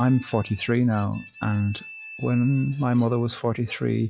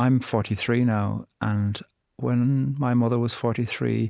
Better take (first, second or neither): second